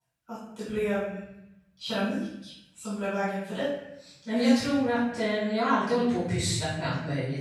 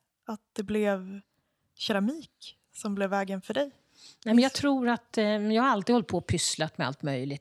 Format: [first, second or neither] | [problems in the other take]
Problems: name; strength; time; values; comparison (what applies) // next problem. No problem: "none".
second | off-mic speech; far // room echo; strong; dies away in 0.9 s